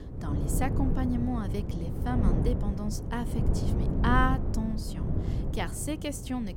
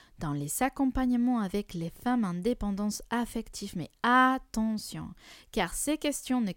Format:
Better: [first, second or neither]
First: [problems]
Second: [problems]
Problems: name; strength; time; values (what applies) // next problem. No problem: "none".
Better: second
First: wind noise on the microphone; heavy; 6 dB below the speech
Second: none